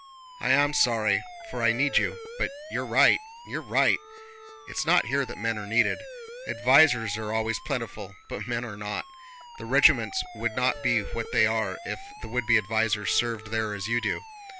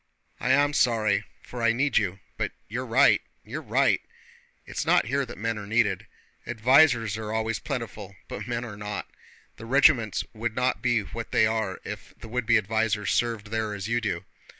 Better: second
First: background sound (Siren); 15 dB below the speech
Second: none

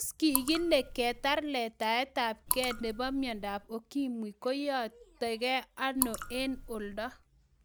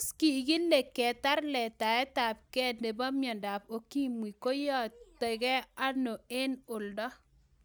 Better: second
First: background sound (Raindrop / Drip); 7 dB below the speech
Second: none

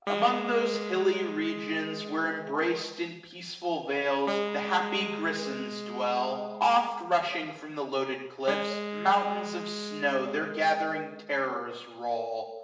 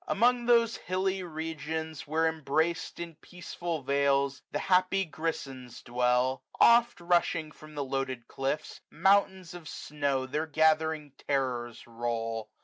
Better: second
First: background sound (Wind instrument, woodwind instrument); 8 dB below the speech // room echo; dies away in 0.9 s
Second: none

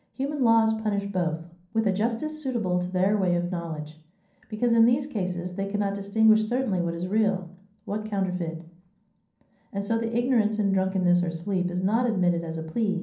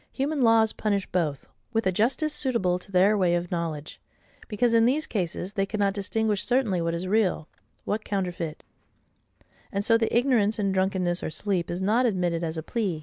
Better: second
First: room echo; dies away in 0.6 s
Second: none

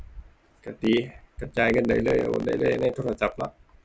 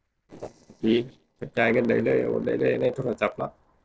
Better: first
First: none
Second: noise reduction (neural separator model SepFormer DNS4)

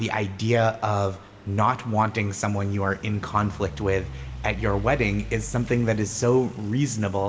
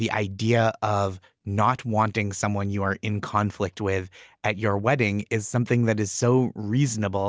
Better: second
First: background sound (Idling / Truck); 15 dB below the speech // room echo; dies away in 2.8 s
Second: none

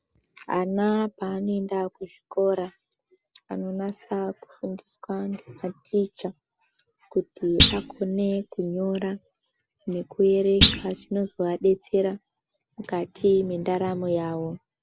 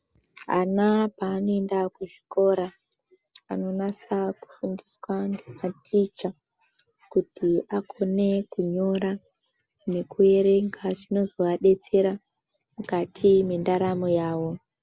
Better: second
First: background sound (Thump, thud); 2 dB above the speech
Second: none

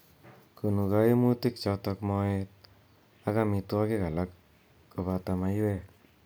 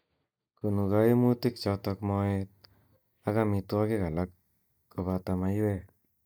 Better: first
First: none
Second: noise reduction (neural mask model DeepFilterNet 3)

